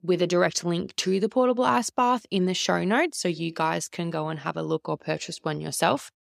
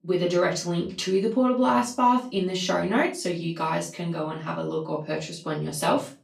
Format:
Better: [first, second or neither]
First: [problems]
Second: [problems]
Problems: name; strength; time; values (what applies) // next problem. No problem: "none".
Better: first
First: none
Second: off-mic speech; far // room echo; slight; dies away in 0.3 s